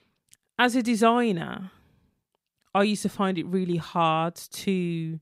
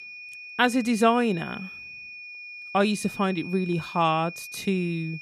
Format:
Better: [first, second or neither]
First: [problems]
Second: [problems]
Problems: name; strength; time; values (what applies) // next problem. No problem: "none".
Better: first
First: none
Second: high-pitched whine; noticeable; throughout; 2.5 kHz, 15 dB below the speech